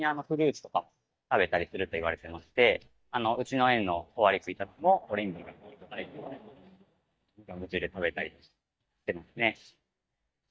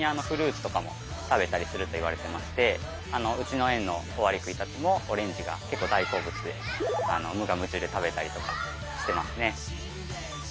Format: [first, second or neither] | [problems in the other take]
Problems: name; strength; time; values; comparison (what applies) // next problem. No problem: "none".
second | noise reduction (neural mask model DeepFilterNet 3)